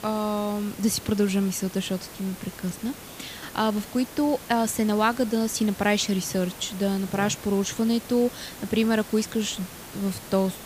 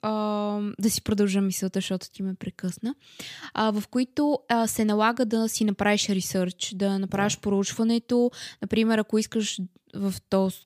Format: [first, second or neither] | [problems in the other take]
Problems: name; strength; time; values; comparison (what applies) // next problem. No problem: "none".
second | hiss; noticeable; throughout; 15 dB below the speech